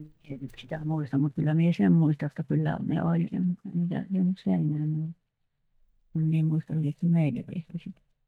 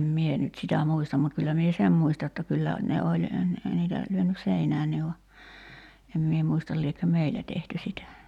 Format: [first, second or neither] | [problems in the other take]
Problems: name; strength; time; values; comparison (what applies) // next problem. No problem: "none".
second | noise reduction (neural mask model DeepFilterNet 3)